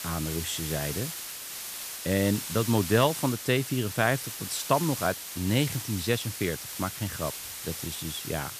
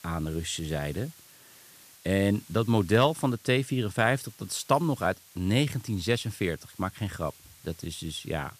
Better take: second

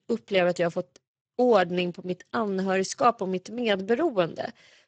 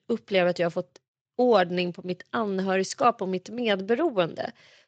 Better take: second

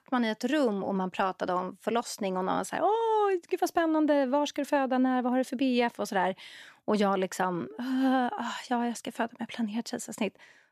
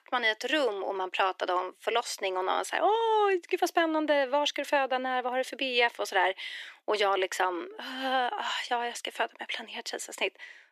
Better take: first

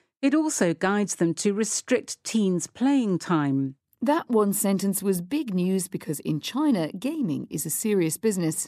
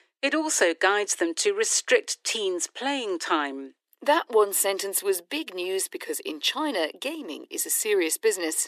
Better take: first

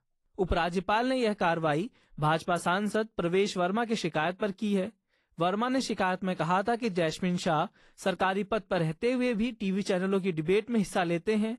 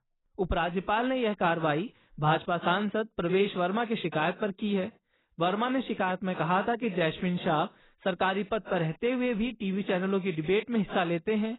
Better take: first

